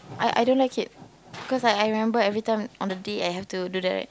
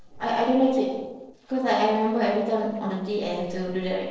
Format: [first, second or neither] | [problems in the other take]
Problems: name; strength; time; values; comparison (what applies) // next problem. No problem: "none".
first | noise reduction (neural separator model SepFormer DNS4)